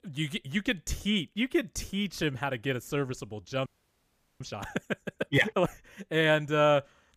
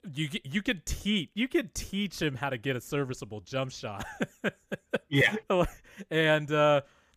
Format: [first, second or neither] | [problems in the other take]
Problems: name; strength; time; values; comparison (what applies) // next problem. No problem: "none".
second | audio freezing; at 3.5 s for 0.5 s